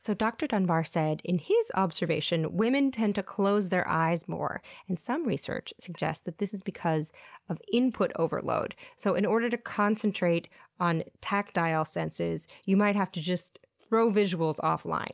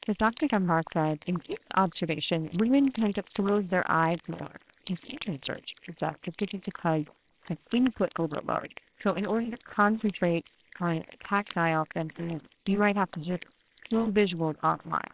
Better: first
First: none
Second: noise reduction (neural separator model SepFormer WHAMR!)

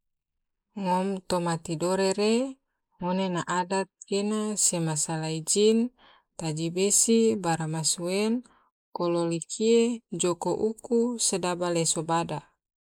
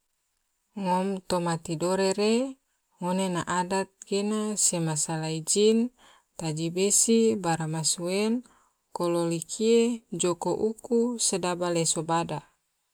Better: second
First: noise reduction (neural mask model Resemble Enhance denoiser)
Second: none

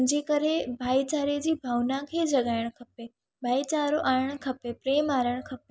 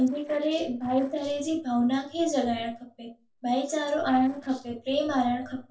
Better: first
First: none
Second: noise reduction (neural separator model SepFormer DNS4)

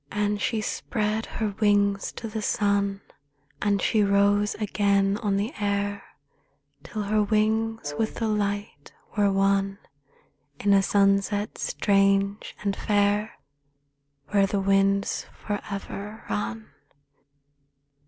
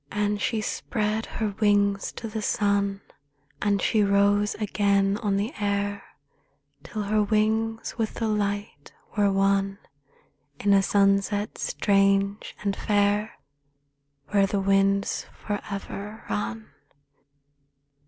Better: second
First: background sound (Brass instrument); 17 dB below the speech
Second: none

